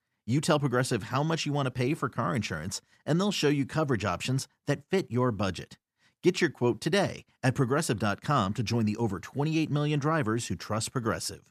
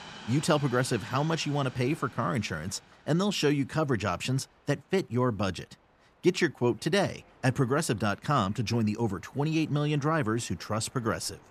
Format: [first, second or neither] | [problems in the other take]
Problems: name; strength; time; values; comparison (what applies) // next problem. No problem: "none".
first | train or aircraft noise; faint; throughout; 20 dB below the speech